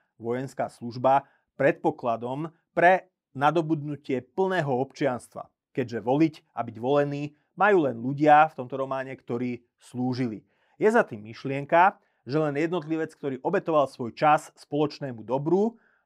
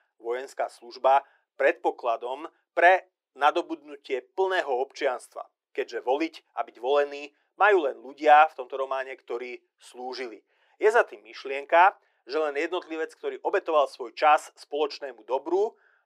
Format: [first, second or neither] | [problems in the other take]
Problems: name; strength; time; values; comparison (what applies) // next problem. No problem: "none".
first | thin; very; fading below 400 Hz